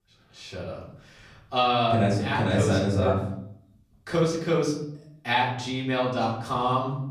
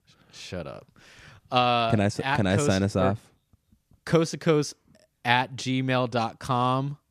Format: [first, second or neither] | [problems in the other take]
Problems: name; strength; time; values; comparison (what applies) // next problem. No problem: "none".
second | room echo; noticeable; dies away in 0.7 s // off-mic speech; far